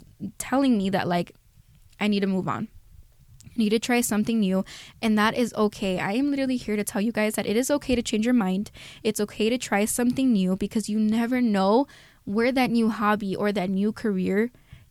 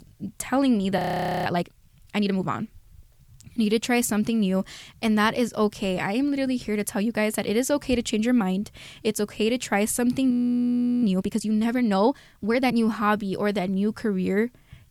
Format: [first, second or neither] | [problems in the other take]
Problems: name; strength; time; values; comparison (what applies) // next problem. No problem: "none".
first | audio freezing; at 1 s and at 10 s for 0.5 s